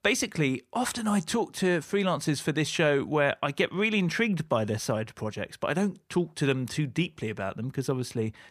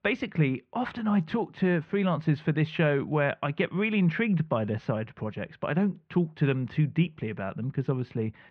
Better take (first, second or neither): first